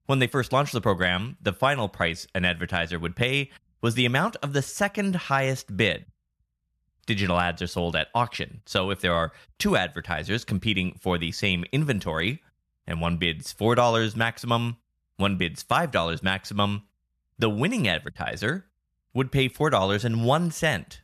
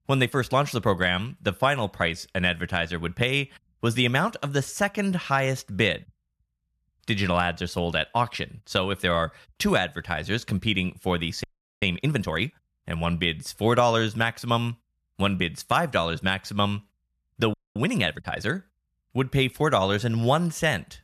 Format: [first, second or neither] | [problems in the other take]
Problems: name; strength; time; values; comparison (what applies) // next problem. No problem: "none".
first | audio freezing; at 11 s and at 18 s